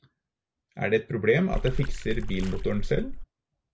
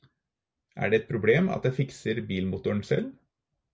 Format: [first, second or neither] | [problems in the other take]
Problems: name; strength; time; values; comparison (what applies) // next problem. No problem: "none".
second | background sound (Water / Splash, splatter); as loud as the speech